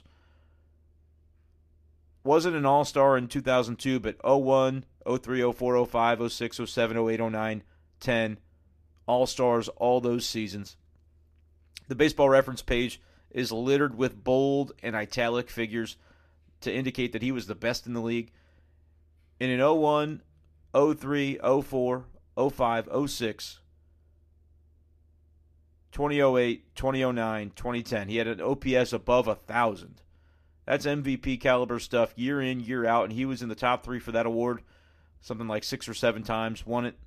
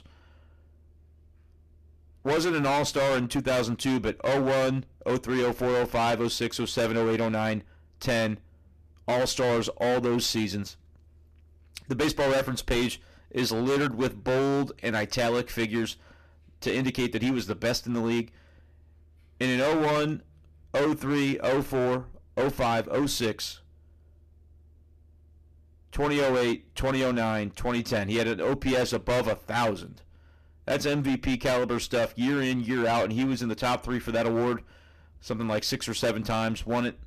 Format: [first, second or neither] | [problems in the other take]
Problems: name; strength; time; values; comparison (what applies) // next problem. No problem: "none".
first | distortion; heavy; 17% of the sound clipped